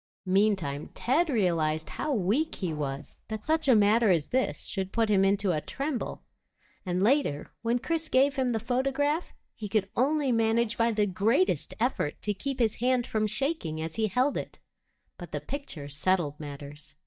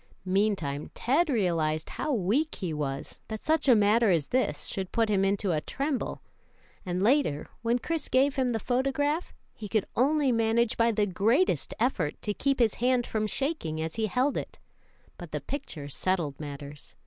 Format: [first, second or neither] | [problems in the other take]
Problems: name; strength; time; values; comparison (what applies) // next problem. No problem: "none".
second | noise reduction (neural mask model DeepFilterNet 3)